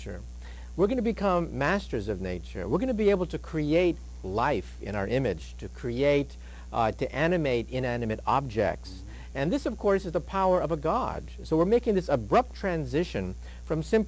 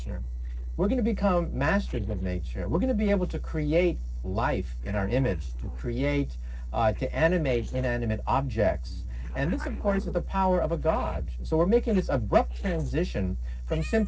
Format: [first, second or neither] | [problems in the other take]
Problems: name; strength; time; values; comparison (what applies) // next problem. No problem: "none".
first | noise reduction (neural separator model SepFormer DNS4)